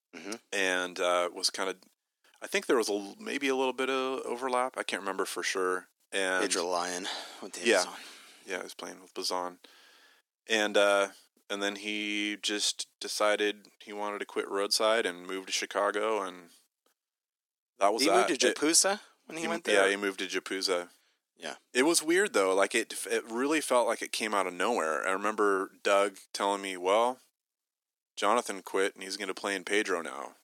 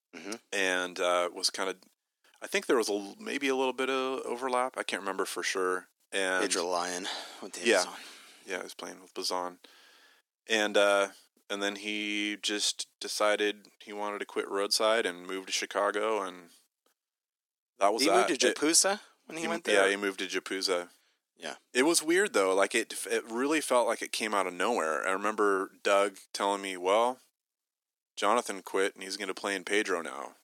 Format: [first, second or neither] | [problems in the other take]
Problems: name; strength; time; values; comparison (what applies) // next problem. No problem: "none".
neither | thin; somewhat; fading below 300 Hz; the same in both